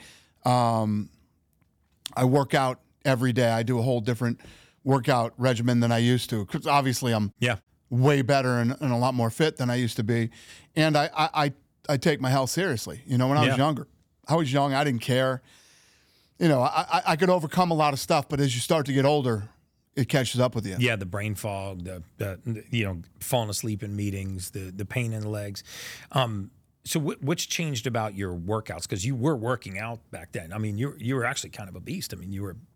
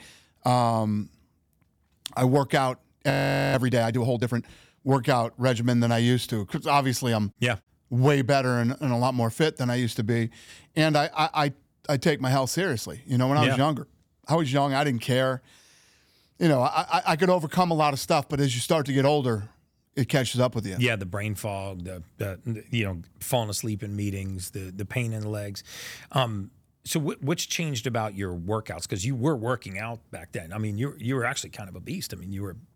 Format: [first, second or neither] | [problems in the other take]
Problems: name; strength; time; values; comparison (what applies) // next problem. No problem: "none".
first | audio freezing; at 3 s